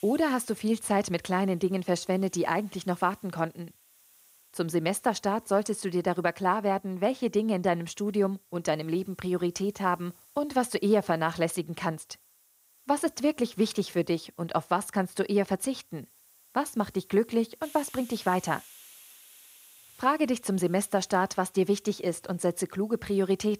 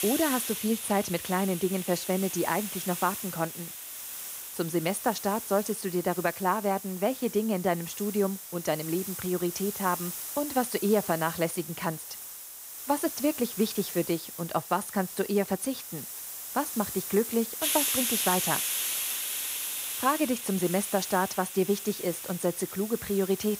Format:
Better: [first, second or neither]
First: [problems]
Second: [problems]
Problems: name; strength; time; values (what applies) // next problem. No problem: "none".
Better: first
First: hiss; faint; throughout; 25 dB below the speech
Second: hiss; loud; throughout; 4 dB below the speech